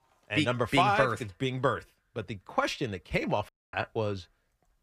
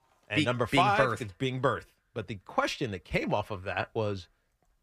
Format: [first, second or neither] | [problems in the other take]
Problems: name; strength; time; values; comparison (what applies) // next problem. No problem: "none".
second | audio cutting out; at 3.5 s